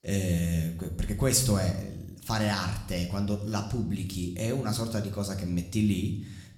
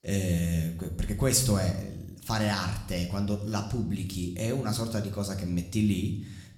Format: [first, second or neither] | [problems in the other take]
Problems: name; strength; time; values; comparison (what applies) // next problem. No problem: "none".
neither | room echo; slight; dies away in 0.6 s; the same in both